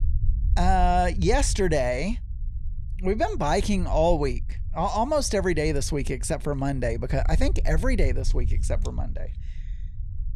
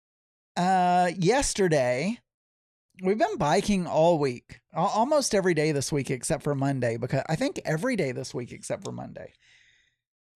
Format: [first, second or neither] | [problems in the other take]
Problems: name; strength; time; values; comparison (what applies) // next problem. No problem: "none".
second | low rumble; faint; throughout; 25 dB below the speech